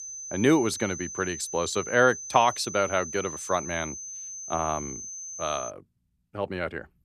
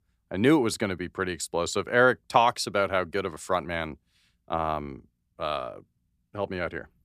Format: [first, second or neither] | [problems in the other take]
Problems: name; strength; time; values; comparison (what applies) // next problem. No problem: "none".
second | high-pitched whine; loud; until 5.5 s; 6 kHz, 9 dB below the speech